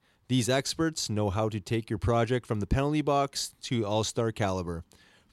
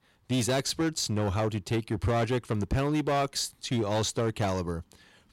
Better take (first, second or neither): first